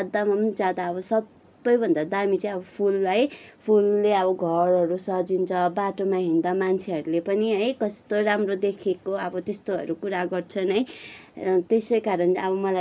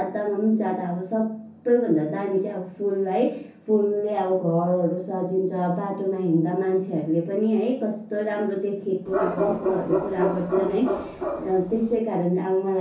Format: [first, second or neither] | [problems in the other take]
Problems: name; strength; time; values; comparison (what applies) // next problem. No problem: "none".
first | background sound (Bark); 3 dB below the speech // room echo; dies away in 0.6 s